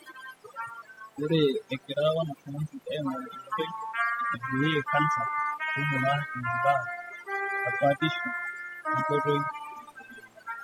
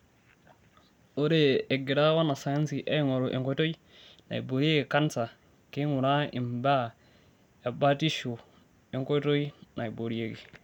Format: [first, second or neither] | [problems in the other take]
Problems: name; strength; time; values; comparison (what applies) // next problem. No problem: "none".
second | noise reduction (classical method spectral subtraction)